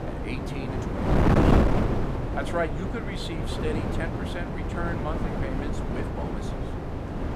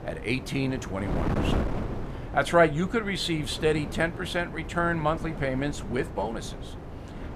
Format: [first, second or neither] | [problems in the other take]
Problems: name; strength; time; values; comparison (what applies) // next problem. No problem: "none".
second | wind noise on the microphone; heavy; 4 dB above the speech; occasional gusts in the second